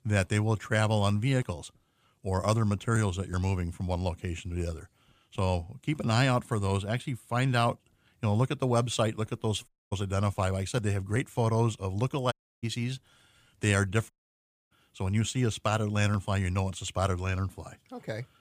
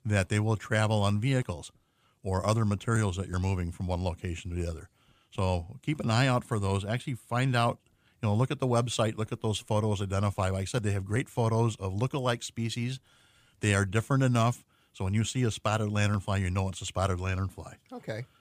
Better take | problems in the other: second | audio cutting out; at 9.5 s, at 12 s and at 14 s for 0.5 s

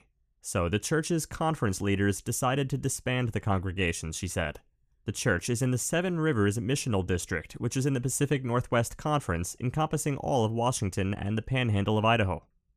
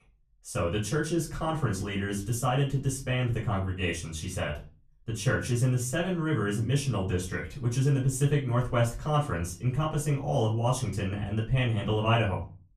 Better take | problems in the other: first | off-mic speech; far // room echo; very slight; dies away in 0.3 s

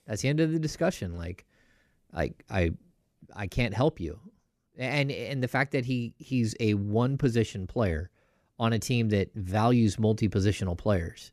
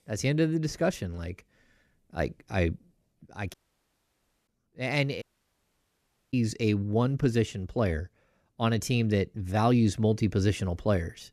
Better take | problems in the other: first | audio cutting out; at 3.5 s for 1 s and at 5 s for 1 s

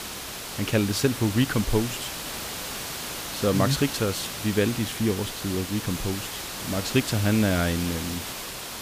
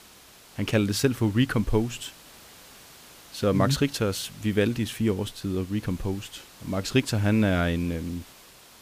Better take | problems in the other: second | hiss; loud; throughout; 6 dB below the speech; faint in the second

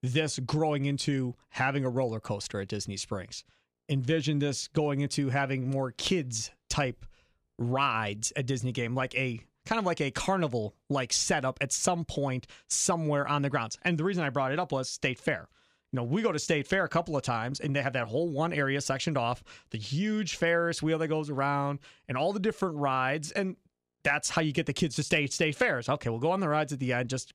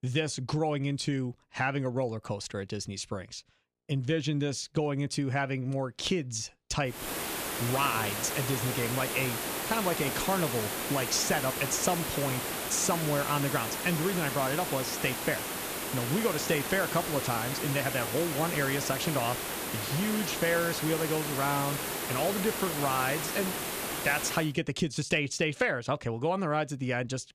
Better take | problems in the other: first | hiss; loud; from 7 to 24 s; 2 dB below the speech

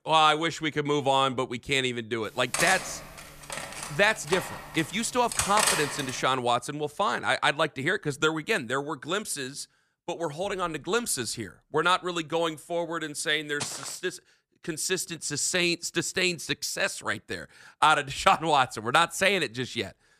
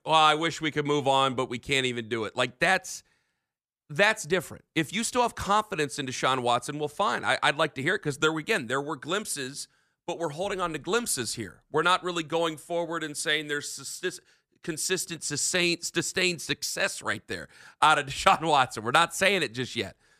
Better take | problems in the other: second | clattering dishes; loud; from 2.5 to 6 s; peak 4 dB above the speech // footsteps; noticeable; at 14 s; peak 10 dB below the speech

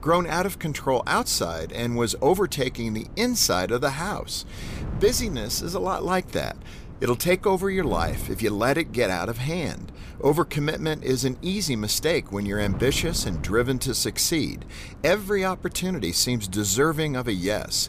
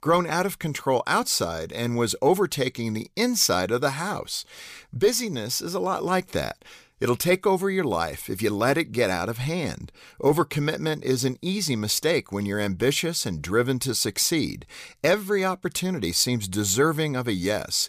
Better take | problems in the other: second | wind noise on the microphone; occasional gusts; 20 dB below the speech

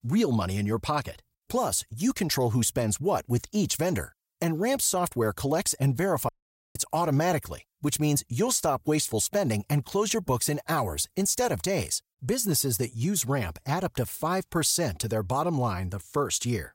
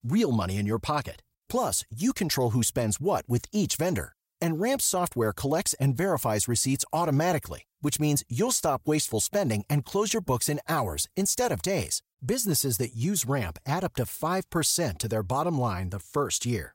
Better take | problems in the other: second | audio cutting out; at 6.5 s

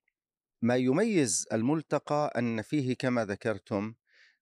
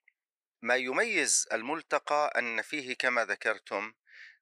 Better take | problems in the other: first | thin; very; fading below 650 Hz

